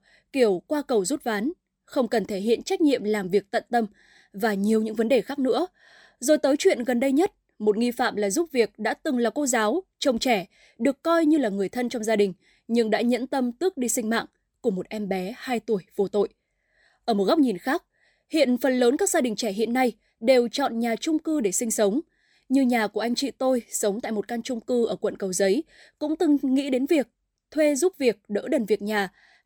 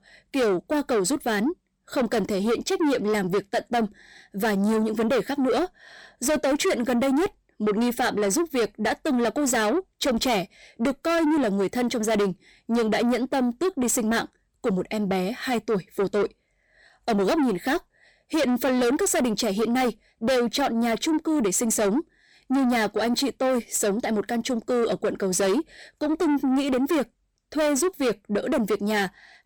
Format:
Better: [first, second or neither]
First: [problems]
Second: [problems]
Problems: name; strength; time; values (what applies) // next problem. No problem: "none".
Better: first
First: none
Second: distortion; heavy; 8 dB below the speech